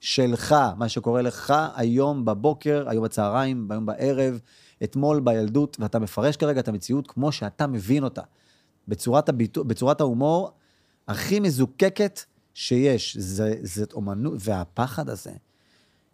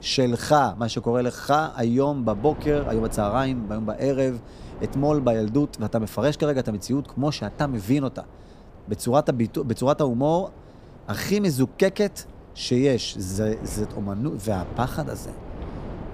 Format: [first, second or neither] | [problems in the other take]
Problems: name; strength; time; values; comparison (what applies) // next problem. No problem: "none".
first | wind noise on the microphone; occasional gusts; 20 dB below the speech